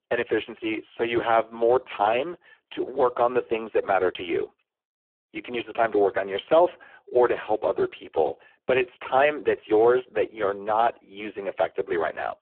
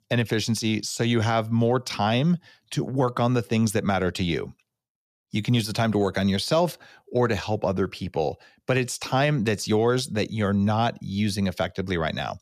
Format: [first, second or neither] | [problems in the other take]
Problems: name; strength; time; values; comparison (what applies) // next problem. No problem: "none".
second | phone-call audio; poor line